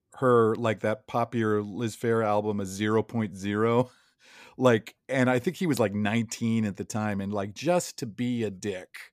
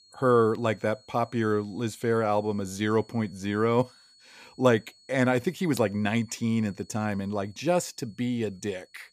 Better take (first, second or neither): first